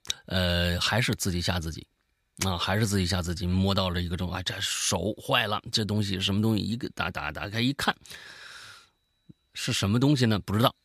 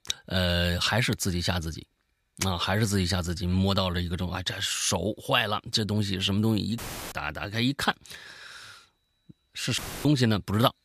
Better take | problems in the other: first | audio cutting out; filled with static; at 7 s and at 10 s

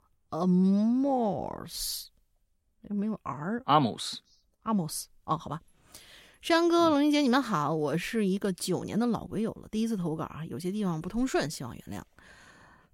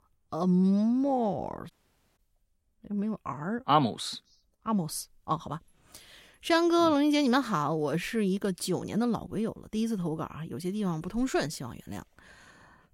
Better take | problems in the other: first | audio cutting out; at 1.5 s

